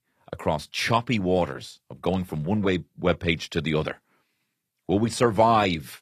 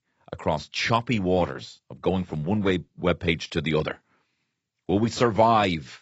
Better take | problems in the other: first | garbled, watery; badly; nothing above 7.5 kHz; slightly in the first

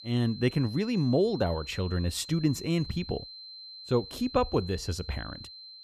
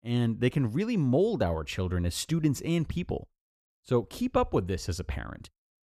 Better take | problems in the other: second | high-pitched whine; noticeable; throughout; 4 kHz, 15 dB below the speech

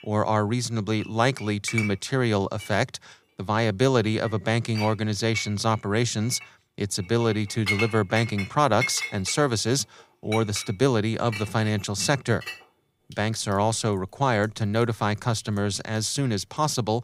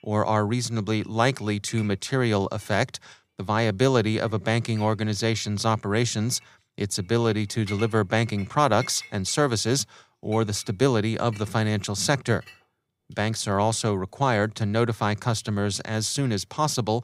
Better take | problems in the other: second | household noises; loud; throughout; 9 dB below the speech; faint in the second

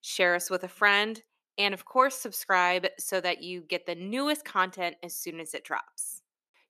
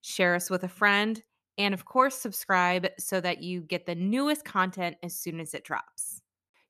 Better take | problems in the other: second | thin; very slightly; fading below 350 Hz

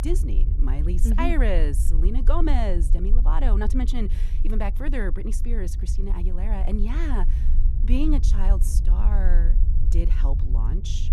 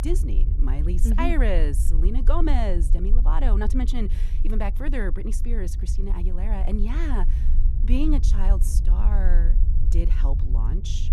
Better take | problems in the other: neither | low rumble; noticeable; throughout; 10 dB below the speech; the same in both

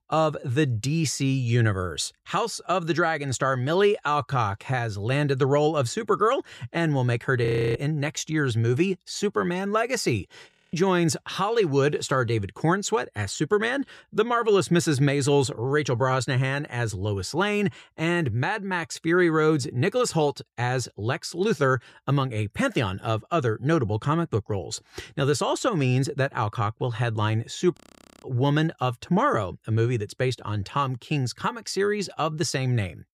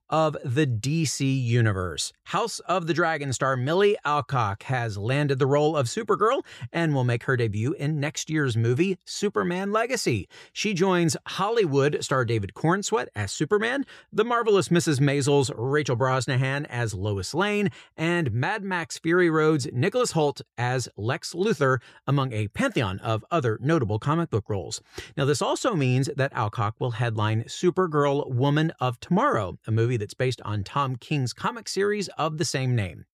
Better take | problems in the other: second | audio freezing; at 7.5 s, at 11 s and at 28 s

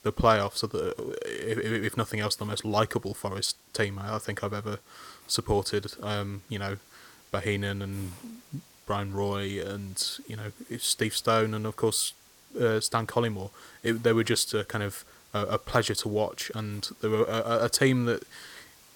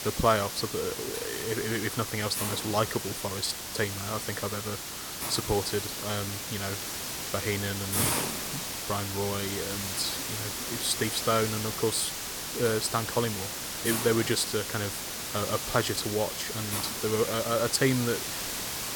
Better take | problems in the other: first | hiss; loud; throughout; 2 dB below the speech; faint in the first

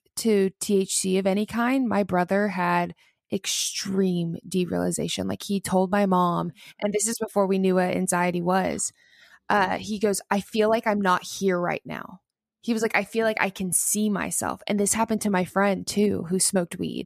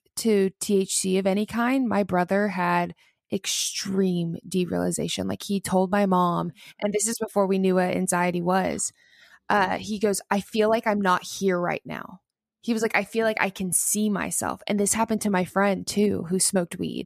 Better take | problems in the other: neither | none

